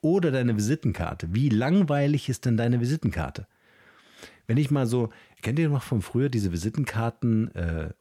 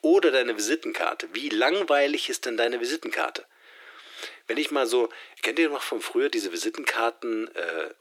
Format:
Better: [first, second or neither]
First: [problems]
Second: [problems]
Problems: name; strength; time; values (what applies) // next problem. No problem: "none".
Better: first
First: none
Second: thin; very; fading below 350 Hz